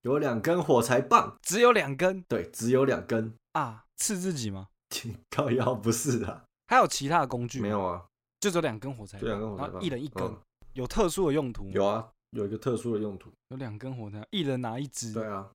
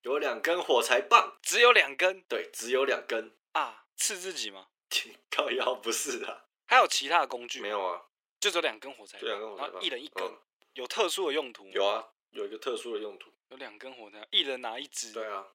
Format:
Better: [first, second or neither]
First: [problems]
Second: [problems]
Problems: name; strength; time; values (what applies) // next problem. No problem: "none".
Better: first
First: none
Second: thin; very; fading below 400 Hz